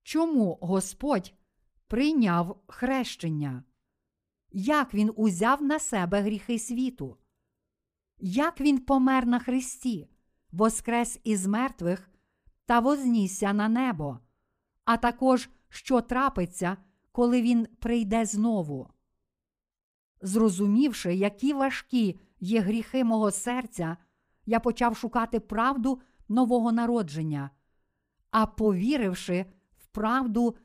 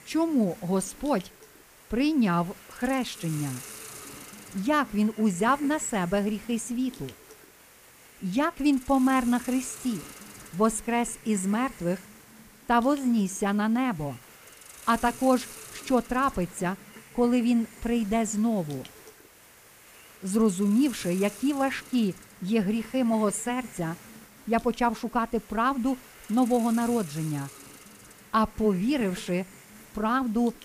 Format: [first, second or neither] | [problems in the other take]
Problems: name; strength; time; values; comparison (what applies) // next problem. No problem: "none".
first | hiss; noticeable; throughout; 20 dB below the speech